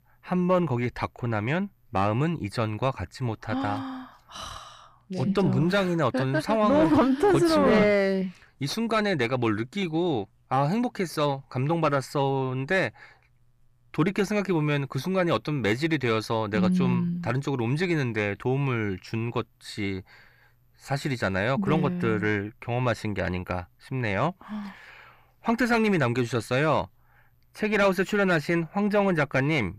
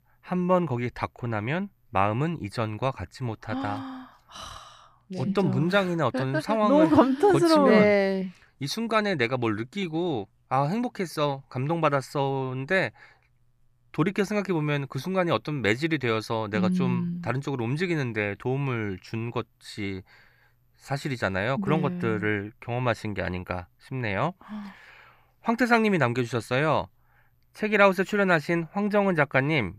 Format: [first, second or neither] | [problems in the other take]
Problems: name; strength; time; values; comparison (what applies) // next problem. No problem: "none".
second | distortion; slight; 10 dB below the speech